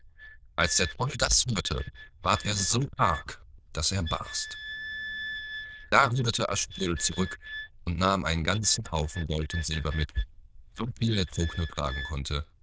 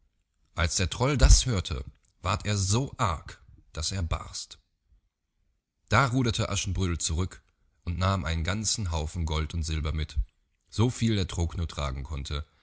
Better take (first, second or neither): second